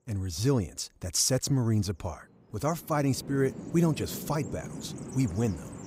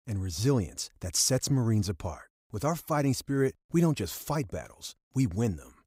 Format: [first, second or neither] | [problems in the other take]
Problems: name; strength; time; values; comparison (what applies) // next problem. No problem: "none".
second | animal sounds; noticeable; throughout; 10 dB below the speech